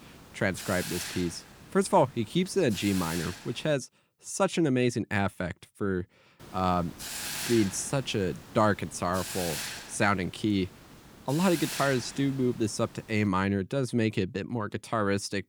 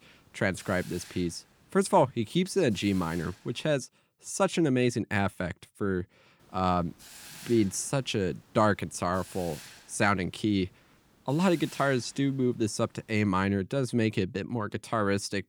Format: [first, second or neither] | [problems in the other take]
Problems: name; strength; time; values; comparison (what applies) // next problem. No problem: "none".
second | hiss; loud; until 3.5 s and from 6.5 to 13 s; 9 dB below the speech; faint in the second